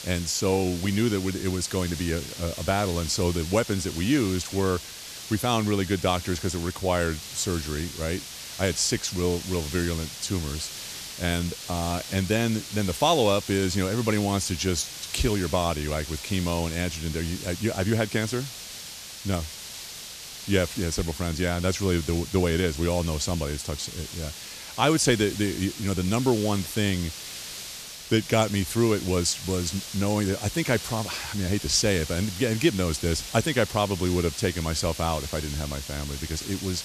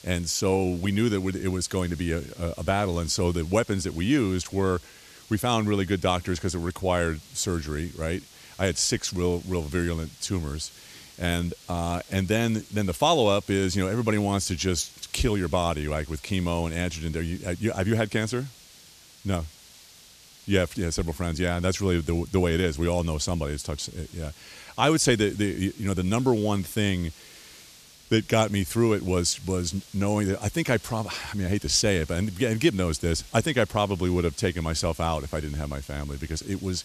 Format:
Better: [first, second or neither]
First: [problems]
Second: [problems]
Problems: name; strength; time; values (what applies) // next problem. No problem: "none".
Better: second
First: hiss; loud; throughout; 10 dB below the speech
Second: hiss; faint; throughout; 20 dB below the speech